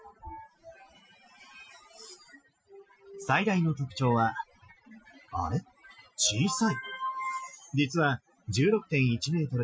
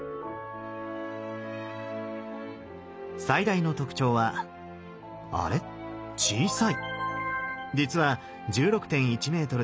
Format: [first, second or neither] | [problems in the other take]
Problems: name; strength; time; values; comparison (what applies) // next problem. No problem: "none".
second | noise reduction (classical method Wiener filter)